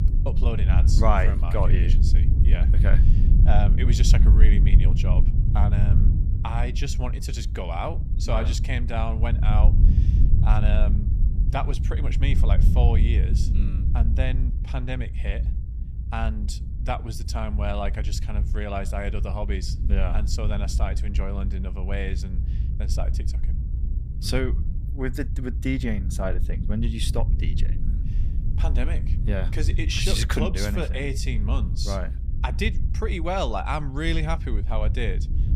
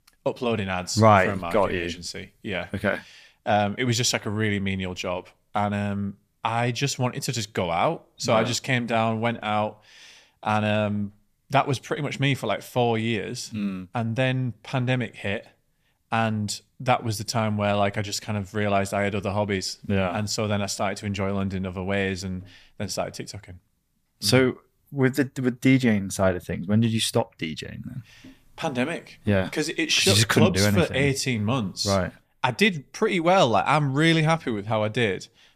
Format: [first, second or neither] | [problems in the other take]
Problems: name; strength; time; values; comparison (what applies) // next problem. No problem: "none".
second | low rumble; loud; throughout; 9 dB below the speech